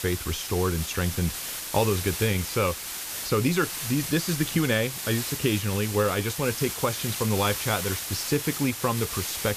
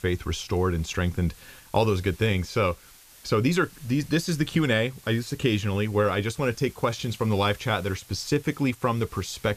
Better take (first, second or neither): second